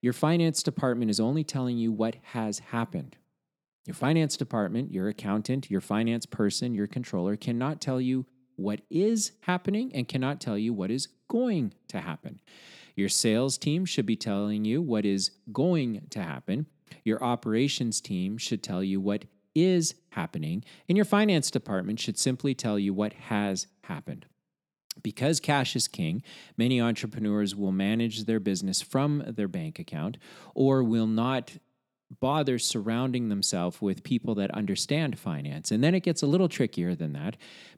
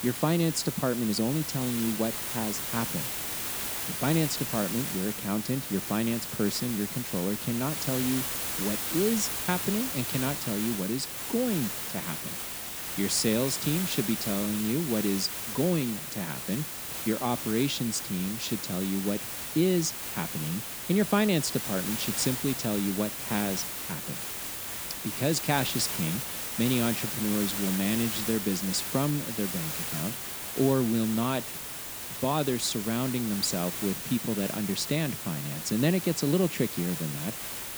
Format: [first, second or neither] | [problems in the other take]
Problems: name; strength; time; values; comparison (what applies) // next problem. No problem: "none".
first | hiss; loud; throughout; 3 dB below the speech